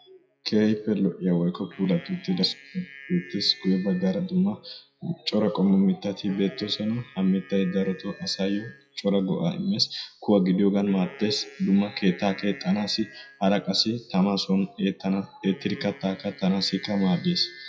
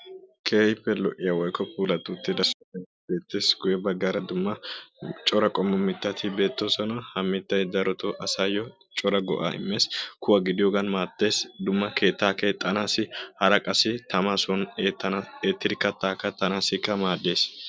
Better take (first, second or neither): second